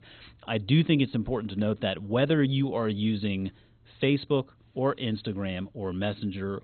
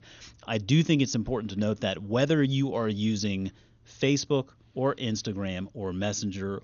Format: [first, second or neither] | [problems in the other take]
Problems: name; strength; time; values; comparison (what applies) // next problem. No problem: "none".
second | garbled, watery; badly; nothing above 3.5 kHz; slightly in the second